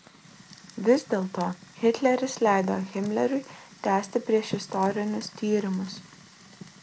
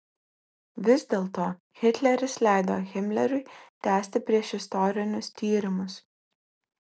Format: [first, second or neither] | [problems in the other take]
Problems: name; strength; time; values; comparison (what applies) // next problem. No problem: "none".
second | background sound (Fire); 18 dB below the speech